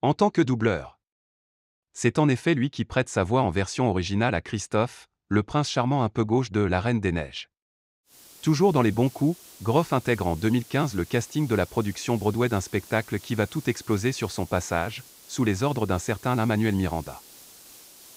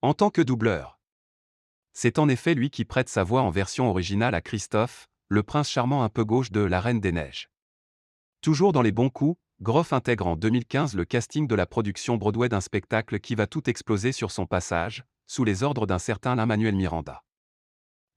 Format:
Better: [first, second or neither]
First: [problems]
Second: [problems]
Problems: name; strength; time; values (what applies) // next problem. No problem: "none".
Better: second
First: hiss; faint; from 8 s on; 20 dB below the speech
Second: none